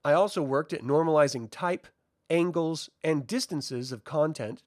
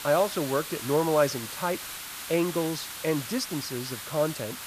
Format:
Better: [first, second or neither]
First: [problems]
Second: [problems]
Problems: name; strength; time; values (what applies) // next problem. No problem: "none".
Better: first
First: none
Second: hiss; loud; throughout; 7 dB below the speech